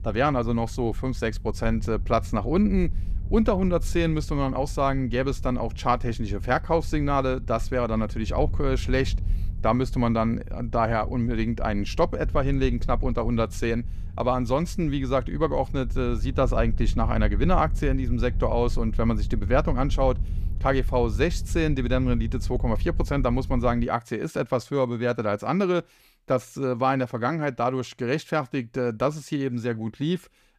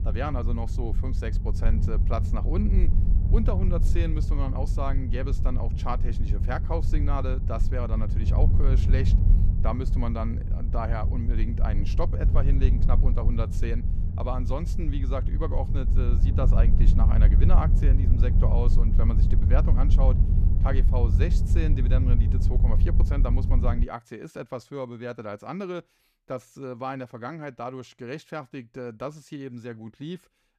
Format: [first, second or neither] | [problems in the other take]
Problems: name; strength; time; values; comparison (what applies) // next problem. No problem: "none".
first | low rumble; loud; until 24 s; 6 dB below the speech; faint in the first